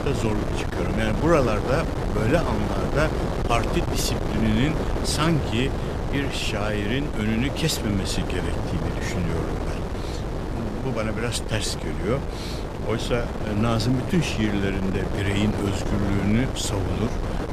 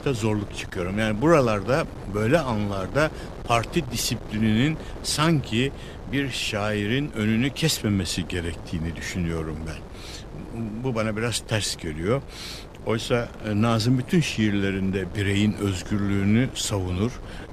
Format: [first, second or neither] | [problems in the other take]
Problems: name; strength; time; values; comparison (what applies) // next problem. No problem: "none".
second | wind noise on the microphone; heavy; 3 dB below the speech; occasional gusts in the second